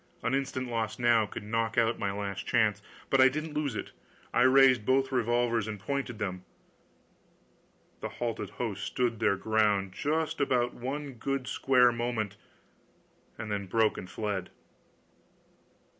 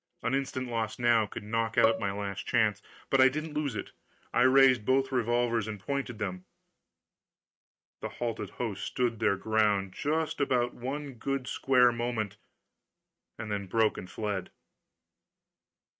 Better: first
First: none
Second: noise reduction (neural mask model RNNoise)

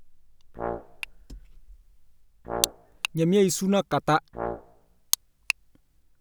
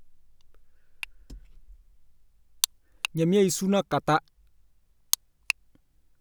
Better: second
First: background sound (Brass instrument); 10 dB below the speech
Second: none

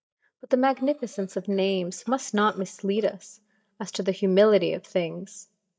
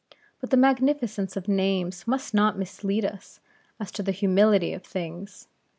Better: second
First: noise reduction (neural mask model DeepFilterNet 3)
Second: none

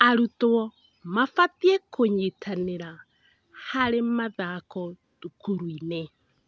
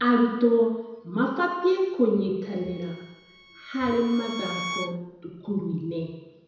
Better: first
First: none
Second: background sound (Bowed string instrument); 14 dB below the speech // room echo; dies away in 1 s

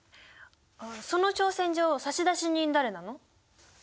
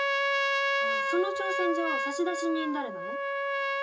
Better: first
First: none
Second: background sound (Trumpet); 5 dB above the speech // room echo; dies away in 0.2 s

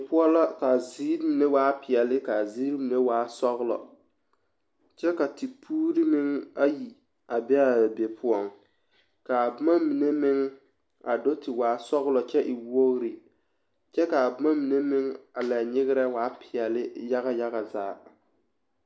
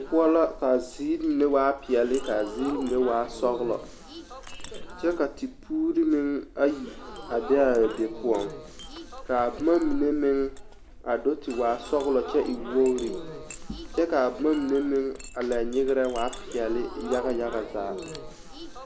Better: first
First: none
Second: background sound (Crowd / Gasp + Chink, clink); 11 dB below the speech

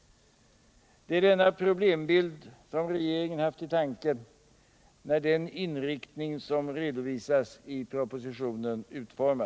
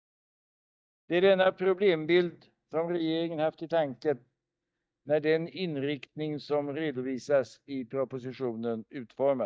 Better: first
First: none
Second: noise reduction (neural mask model DeepFilterNet 3)

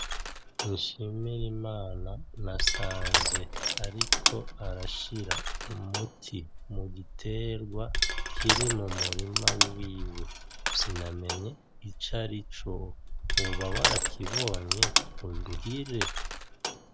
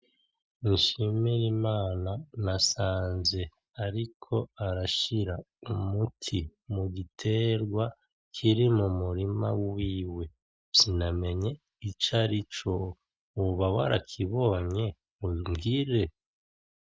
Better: second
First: background sound (Crushing); 5 dB above the speech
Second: none

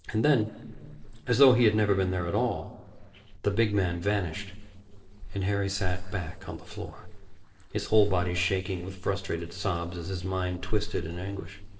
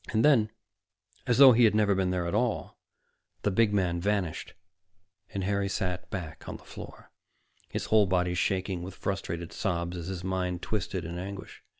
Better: second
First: noise reduction (neural separator model SepFormer DNS4)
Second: none

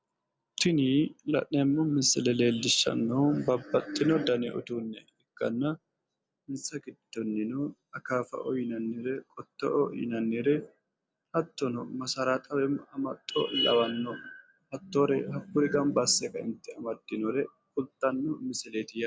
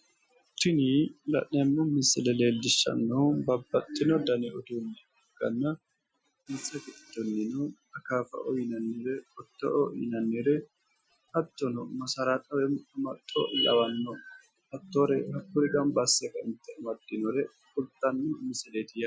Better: first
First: none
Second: noise reduction (classical method Wiener filter)

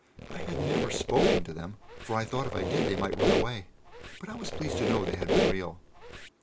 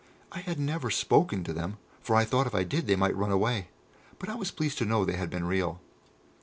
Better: second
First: background sound (Squeak); 4 dB above the speech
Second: none

